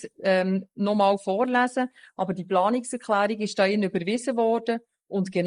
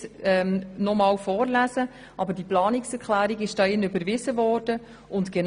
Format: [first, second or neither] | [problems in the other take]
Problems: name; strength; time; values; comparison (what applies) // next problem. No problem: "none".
second | noise reduction (neural mask model Resemble Enhance denoiser)